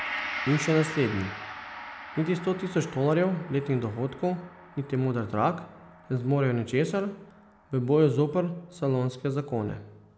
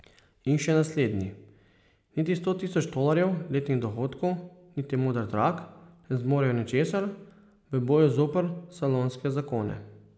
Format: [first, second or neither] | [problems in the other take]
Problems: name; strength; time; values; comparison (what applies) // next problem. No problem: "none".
second | background sound (Gong); 13 dB below the speech